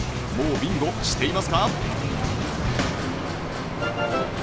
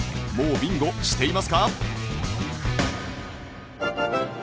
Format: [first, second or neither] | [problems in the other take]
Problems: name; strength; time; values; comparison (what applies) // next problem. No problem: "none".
second | background sound (Bicycle); 3 dB below the speech